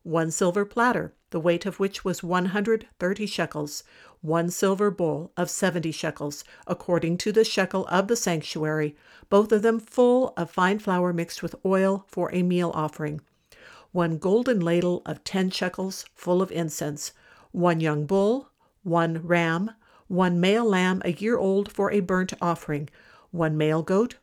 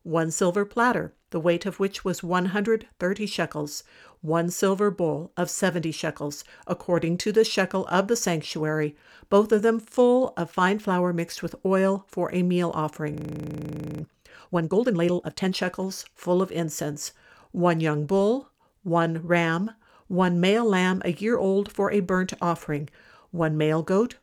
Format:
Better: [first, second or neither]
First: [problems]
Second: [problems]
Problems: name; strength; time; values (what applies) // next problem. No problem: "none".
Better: first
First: none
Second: audio freezing; at 13 s for 1 s